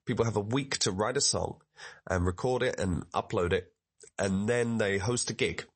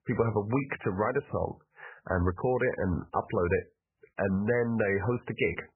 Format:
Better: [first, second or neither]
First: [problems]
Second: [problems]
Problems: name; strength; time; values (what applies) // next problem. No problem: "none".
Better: first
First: garbled, watery; slightly; nothing above 8 kHz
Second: garbled, watery; badly; nothing above 2.5 kHz